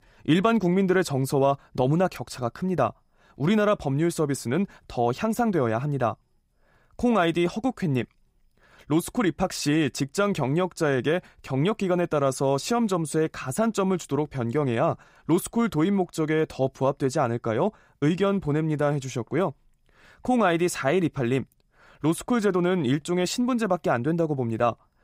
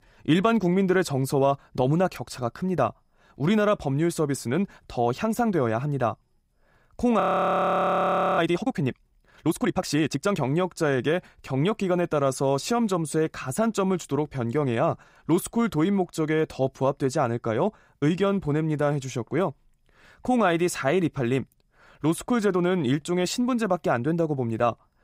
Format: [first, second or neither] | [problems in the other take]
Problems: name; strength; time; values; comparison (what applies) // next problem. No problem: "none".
first | audio freezing; at 7 s for 1 s